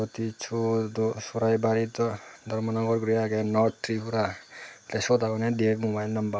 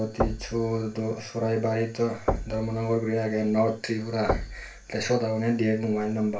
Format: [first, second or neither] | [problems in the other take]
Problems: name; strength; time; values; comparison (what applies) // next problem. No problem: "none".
first | background sound (Knock / Wood / Percussion); 8 dB below the speech // room echo; dies away in 0.3 s